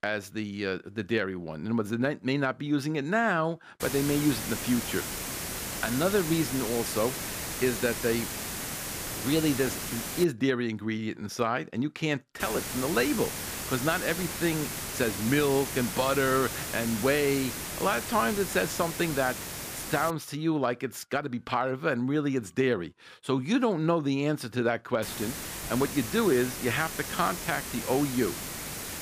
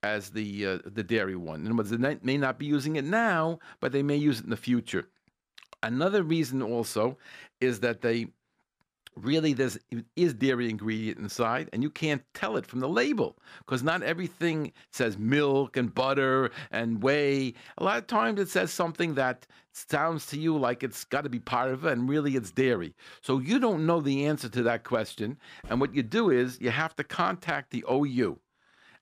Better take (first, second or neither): second